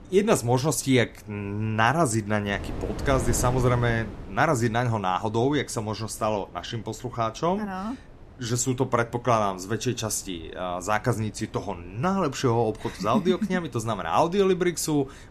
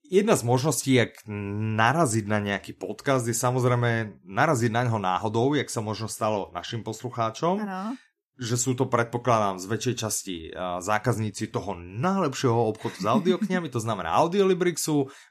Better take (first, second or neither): second